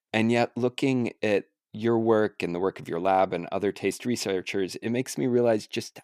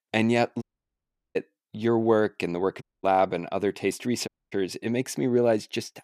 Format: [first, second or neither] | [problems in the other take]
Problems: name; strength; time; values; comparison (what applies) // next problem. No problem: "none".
first | audio cutting out; at 0.5 s for 0.5 s, at 3 s and at 4.5 s